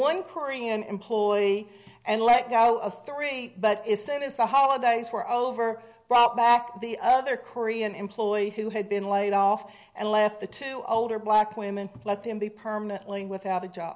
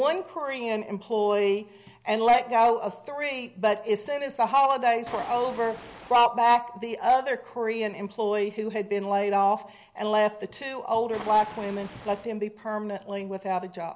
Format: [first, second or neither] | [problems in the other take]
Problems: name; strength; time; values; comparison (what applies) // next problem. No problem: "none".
first | background sound (Waves, surf); 17 dB below the speech